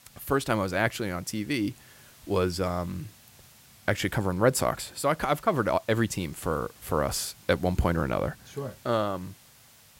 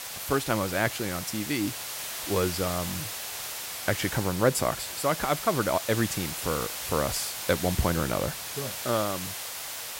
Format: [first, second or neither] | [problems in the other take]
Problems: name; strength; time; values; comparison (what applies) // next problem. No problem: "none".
first | hiss; loud; throughout; 4 dB below the speech; faint in the first